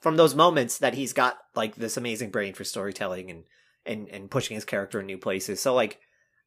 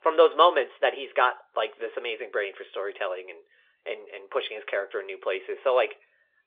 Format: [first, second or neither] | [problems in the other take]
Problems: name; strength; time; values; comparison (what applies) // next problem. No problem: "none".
first | phone-call audio; nothing above 3.5 kHz